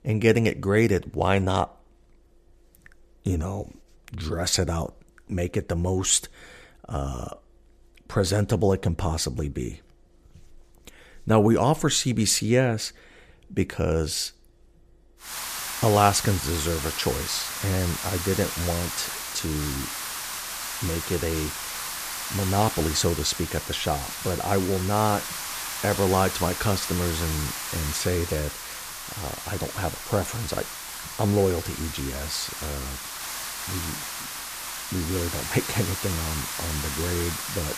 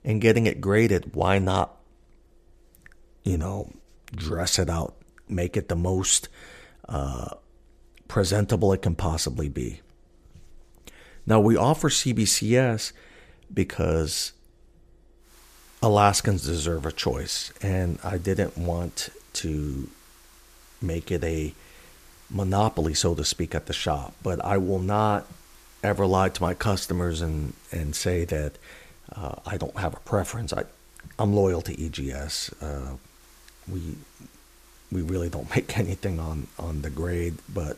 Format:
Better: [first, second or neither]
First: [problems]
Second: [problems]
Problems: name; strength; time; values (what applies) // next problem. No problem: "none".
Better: second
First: hiss; loud; from 15 s on; 5 dB below the speech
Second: hiss; faint; from 15 s on; 25 dB below the speech